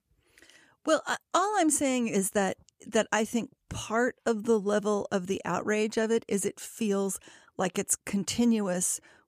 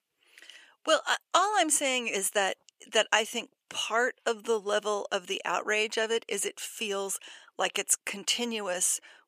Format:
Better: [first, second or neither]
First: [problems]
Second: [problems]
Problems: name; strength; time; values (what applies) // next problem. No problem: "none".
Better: first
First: none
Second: thin; somewhat; fading below 500 Hz